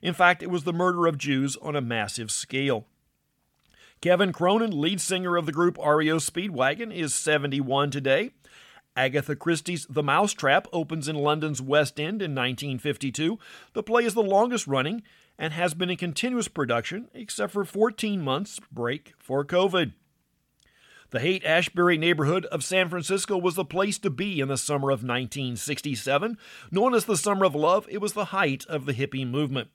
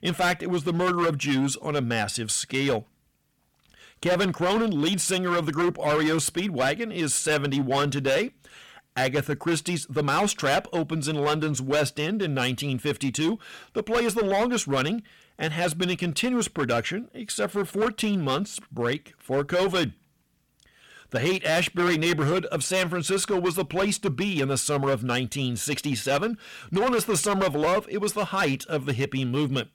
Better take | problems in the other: first | distortion; heavy; 11% of the sound clipped

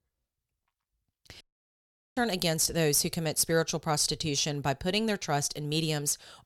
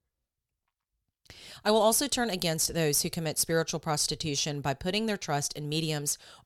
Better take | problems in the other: second | audio cutting out; at 1.5 s for 1 s

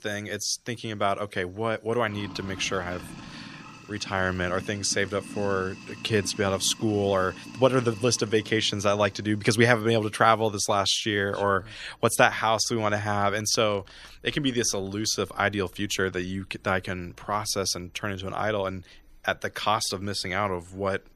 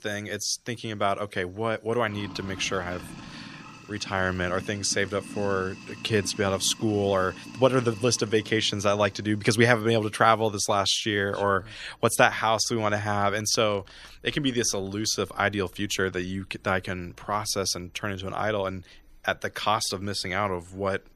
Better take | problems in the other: neither | household noises; noticeable; throughout; 20 dB below the speech; the same in both

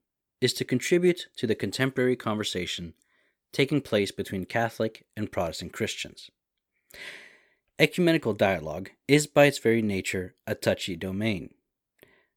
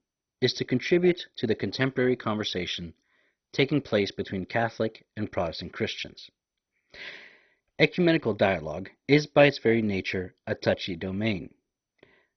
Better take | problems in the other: first | garbled, watery; badly; nothing above 6 kHz

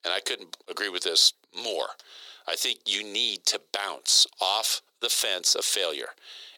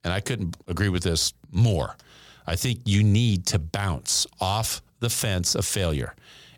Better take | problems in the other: second | thin; very; fading below 400 Hz

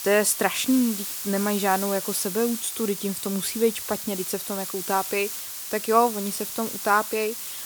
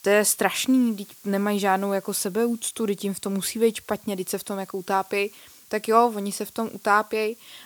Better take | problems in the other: second | hiss; loud; throughout; 5 dB below the speech; faint in the second

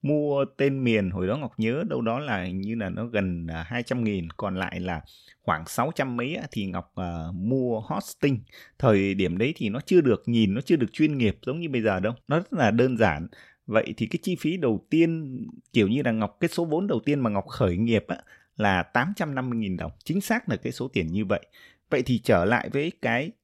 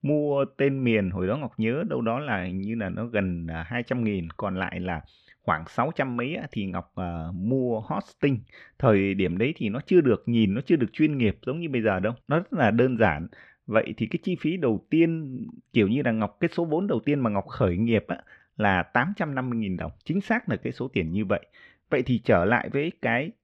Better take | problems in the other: first | muffled; slightly; fading above 2.5 kHz

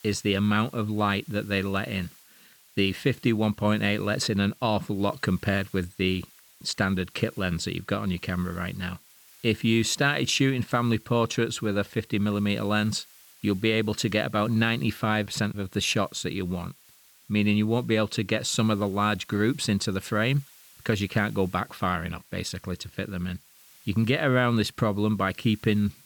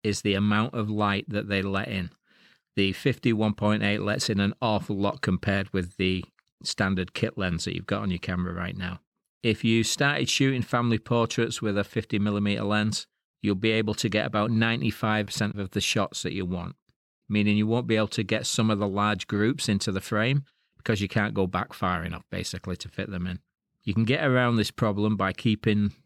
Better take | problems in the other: second | hiss; faint; throughout; 25 dB below the speech

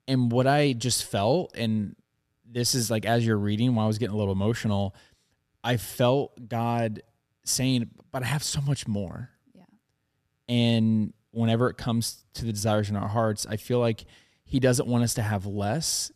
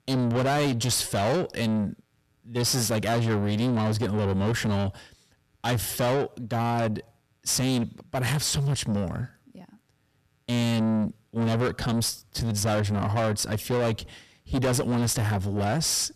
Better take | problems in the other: first | distortion; heavy; 7 dB below the speech

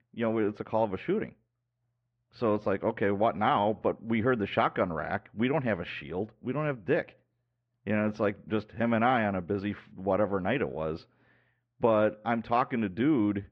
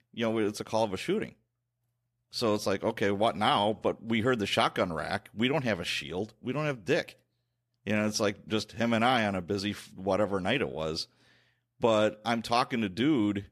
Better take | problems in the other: second | muffled; very; fading above 2 kHz

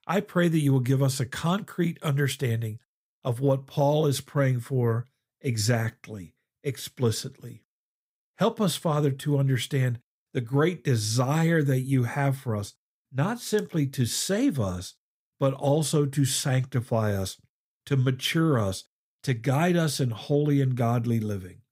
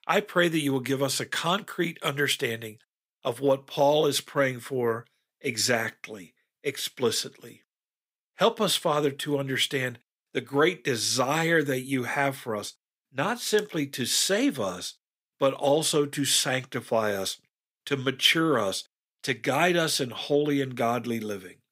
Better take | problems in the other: first | thin; somewhat; fading below 300 Hz

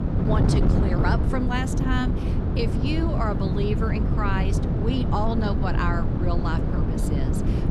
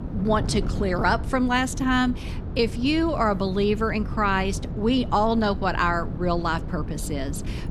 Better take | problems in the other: second | wind noise on the microphone; heavy; 3 dB below the speech; occasional gusts in the second

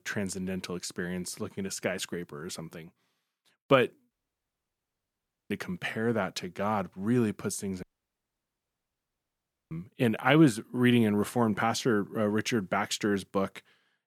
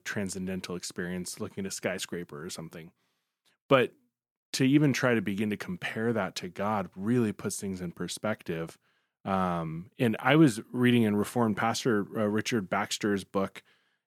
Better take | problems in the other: second | audio cutting out; at 4 s for 1.5 s and at 8 s for 2 s

